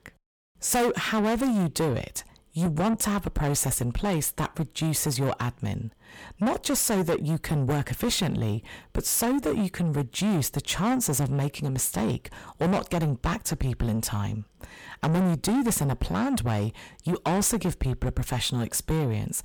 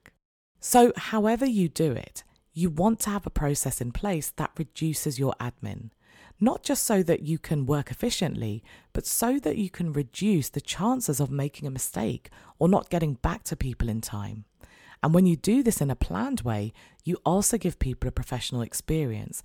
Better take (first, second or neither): second